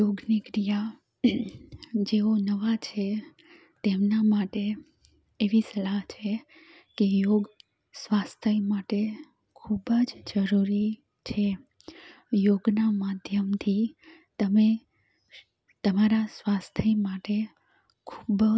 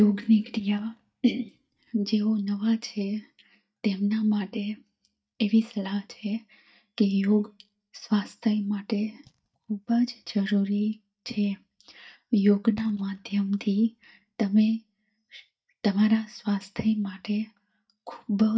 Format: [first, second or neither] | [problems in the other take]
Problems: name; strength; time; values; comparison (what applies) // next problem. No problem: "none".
first | noise reduction (neural mask model DeepFilterNet 3)